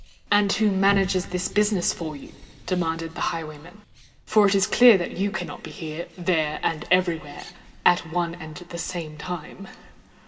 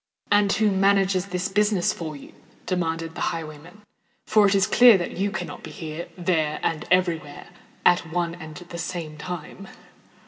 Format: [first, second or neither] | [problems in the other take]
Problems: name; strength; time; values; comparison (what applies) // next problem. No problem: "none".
second | background sound (Boom + Bird); 19 dB below the speech